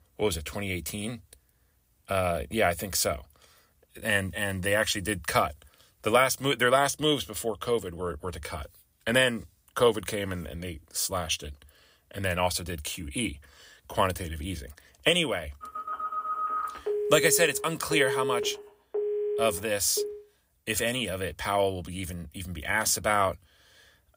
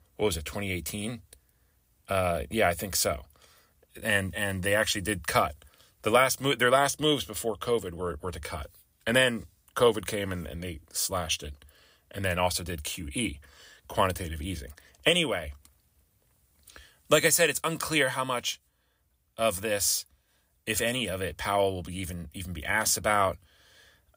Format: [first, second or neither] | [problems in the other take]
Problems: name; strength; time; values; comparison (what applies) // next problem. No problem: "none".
second | phone ringing; noticeable; from 16 to 20 s; peak 2 dB below the speech